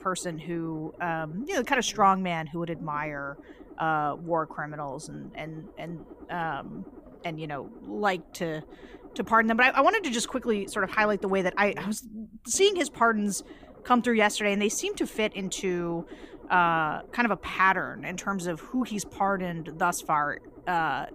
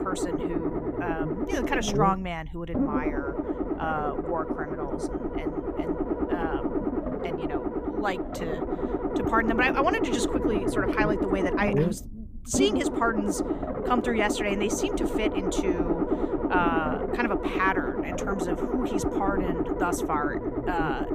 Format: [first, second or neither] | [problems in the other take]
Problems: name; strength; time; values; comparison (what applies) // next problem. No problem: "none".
first | low rumble; loud; throughout; 2 dB below the speech; faint in the first